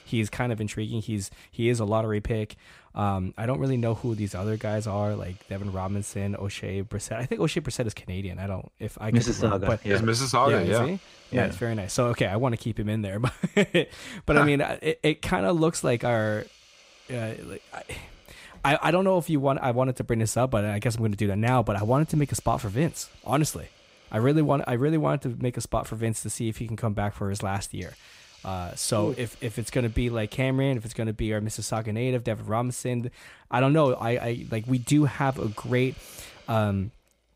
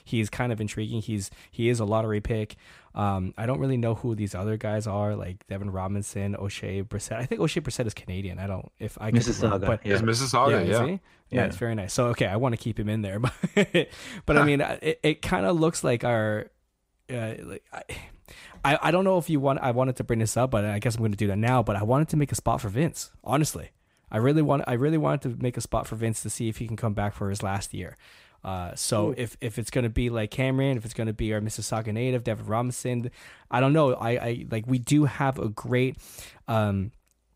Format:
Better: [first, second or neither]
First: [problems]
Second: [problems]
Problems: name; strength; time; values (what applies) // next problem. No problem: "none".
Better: second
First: hiss; faint; throughout; 25 dB below the speech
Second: none